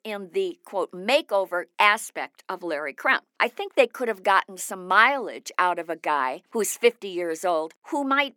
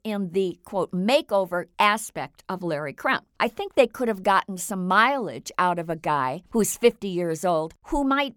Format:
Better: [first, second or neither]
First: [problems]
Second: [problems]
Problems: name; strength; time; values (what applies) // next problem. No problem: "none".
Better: second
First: thin; somewhat; fading below 300 Hz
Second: none